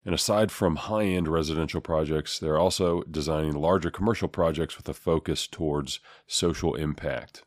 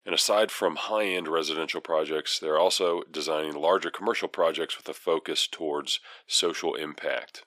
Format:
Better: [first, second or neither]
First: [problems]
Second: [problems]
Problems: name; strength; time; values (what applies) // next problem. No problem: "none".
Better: first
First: none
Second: thin; somewhat; fading below 350 Hz